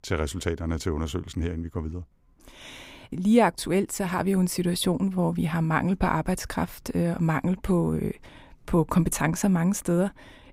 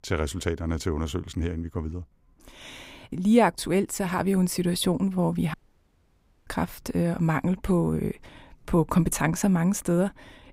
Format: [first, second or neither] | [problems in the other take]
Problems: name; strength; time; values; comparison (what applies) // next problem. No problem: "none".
first | audio cutting out; at 5.5 s for 1 s